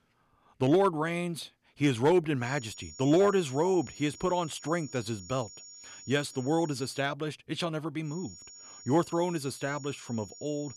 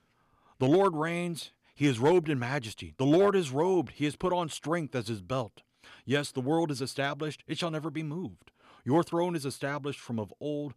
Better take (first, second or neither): second